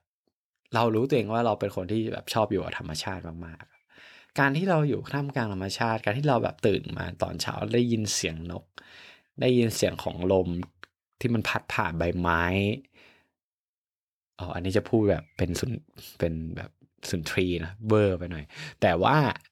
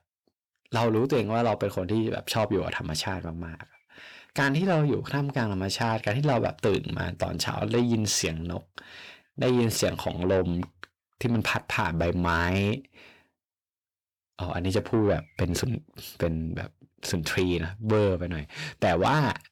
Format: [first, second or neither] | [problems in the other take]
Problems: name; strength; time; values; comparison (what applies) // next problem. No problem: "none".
first | distortion; slight; 10 dB below the speech